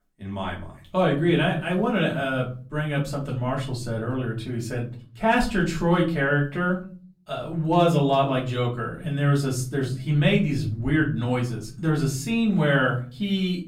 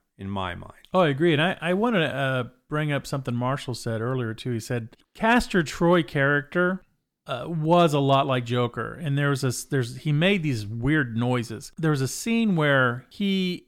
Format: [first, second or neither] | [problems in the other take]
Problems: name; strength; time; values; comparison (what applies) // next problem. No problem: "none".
second | room echo; very slight; dies away in 0.5 s // off-mic speech; far